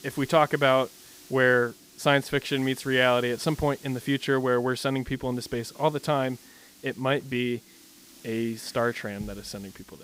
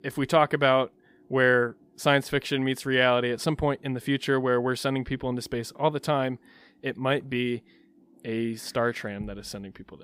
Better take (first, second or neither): second